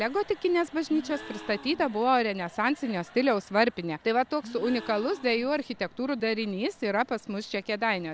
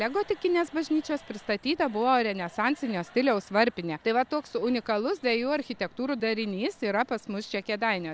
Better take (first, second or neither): second